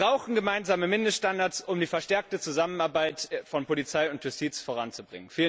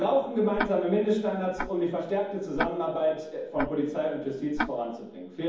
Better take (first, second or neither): first